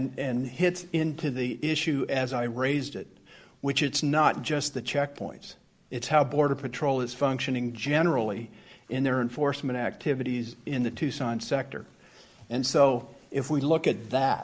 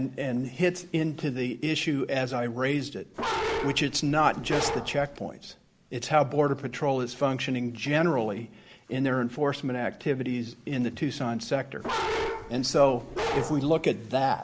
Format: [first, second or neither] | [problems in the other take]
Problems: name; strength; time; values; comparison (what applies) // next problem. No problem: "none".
first | background sound (Bark); 4 dB below the speech